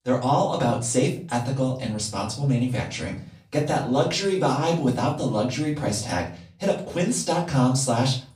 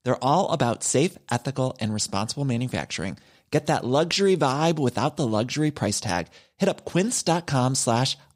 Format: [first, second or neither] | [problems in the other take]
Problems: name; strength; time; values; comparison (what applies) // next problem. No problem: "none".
second | room echo; slight; dies away in 0.4 s // off-mic speech; far